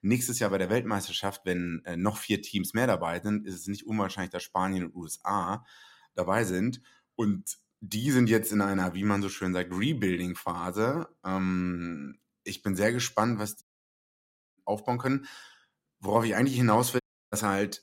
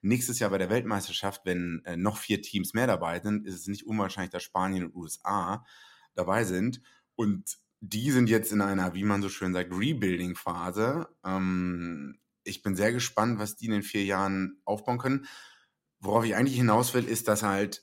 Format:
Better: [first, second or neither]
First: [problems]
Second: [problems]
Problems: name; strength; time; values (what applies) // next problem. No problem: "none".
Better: second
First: audio cutting out; at 14 s for 1 s and at 17 s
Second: none